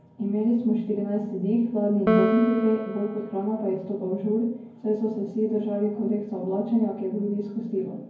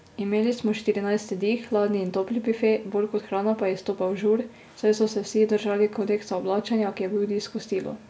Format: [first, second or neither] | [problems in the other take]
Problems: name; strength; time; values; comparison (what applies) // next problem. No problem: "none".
second | background sound (Piano); 4 dB below the speech // room echo; dies away in 0.9 s